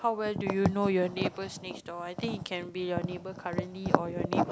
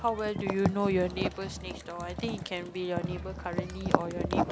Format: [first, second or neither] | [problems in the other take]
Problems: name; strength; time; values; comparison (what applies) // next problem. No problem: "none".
first | background sound (Crowd); 13 dB below the speech